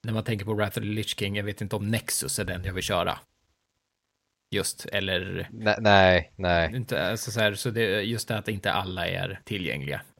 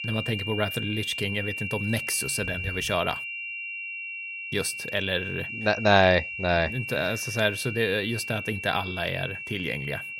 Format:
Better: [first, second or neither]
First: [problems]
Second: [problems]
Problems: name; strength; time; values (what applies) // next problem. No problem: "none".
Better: first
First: none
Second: high-pitched whine; loud; throughout; 2.5 kHz, 5 dB below the speech